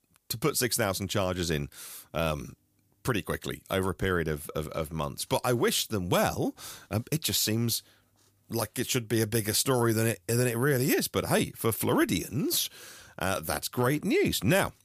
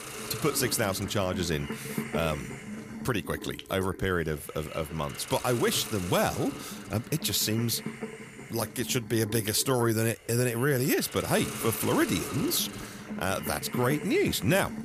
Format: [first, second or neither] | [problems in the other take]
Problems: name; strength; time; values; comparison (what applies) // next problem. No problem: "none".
first | hiss; noticeable; throughout; 10 dB below the speech